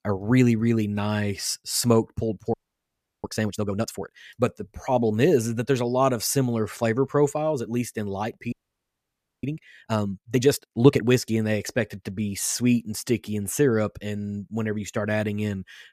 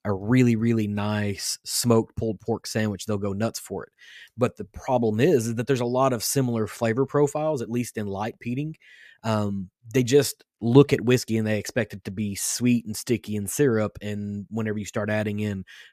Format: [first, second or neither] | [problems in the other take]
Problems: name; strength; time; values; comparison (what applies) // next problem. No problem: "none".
second | audio freezing; at 2.5 s for 0.5 s and at 8.5 s for 1 s